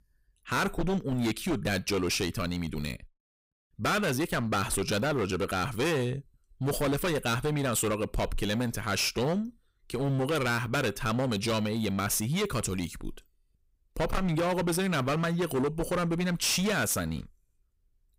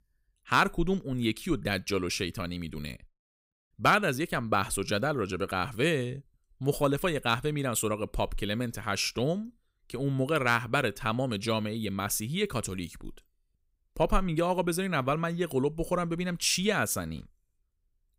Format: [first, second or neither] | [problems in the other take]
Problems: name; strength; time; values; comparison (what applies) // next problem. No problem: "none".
second | distortion; heavy; 17% of the sound clipped